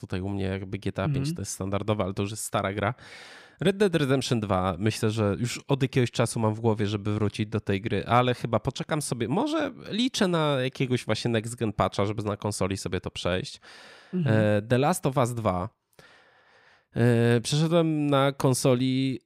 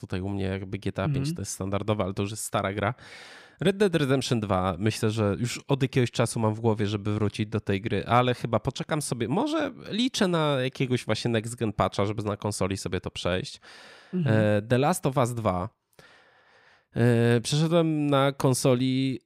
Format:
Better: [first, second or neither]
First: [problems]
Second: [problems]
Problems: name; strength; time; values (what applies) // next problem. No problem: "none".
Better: neither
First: none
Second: none